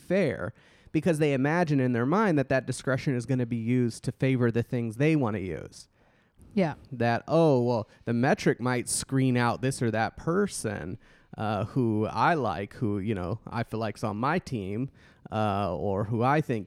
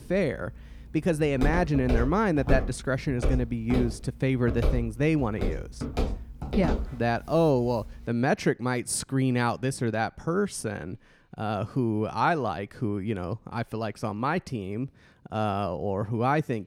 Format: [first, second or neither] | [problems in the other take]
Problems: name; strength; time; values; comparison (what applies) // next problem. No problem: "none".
first | footsteps; noticeable; from 1.5 to 7 s; peak 2 dB below the speech